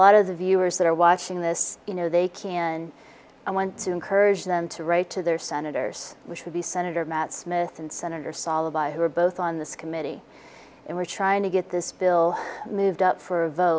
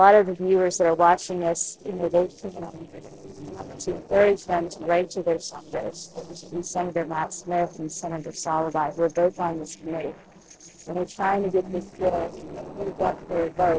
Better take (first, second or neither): first